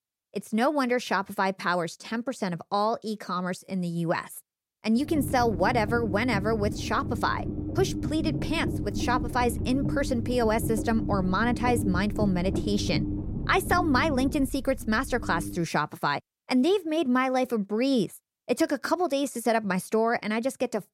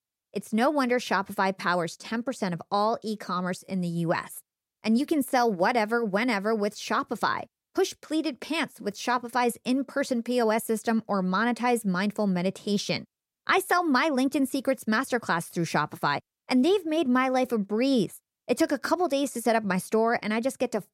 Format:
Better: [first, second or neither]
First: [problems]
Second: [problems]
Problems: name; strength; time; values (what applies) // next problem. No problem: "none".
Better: second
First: low rumble; noticeable; from 5 to 16 s; 10 dB below the speech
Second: none